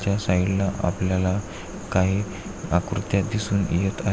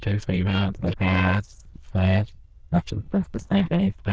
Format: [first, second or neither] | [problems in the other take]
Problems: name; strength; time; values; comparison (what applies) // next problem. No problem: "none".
first | noise reduction (neural diffusion model UNIVERSE++)